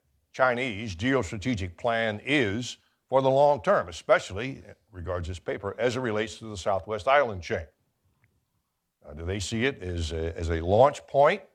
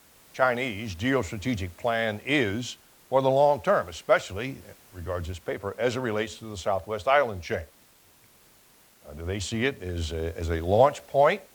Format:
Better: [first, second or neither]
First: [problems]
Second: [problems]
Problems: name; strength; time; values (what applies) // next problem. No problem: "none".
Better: first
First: none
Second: hiss; faint; throughout; 25 dB below the speech